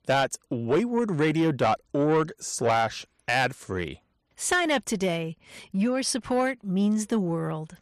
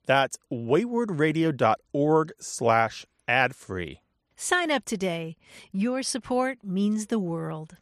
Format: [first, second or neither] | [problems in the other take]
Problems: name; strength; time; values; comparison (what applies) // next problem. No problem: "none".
second | distortion; slight; 10 dB below the speech